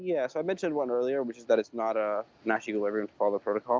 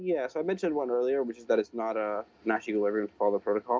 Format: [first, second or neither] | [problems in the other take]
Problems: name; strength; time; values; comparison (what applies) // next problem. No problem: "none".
first | room echo; dies away in 0.3 s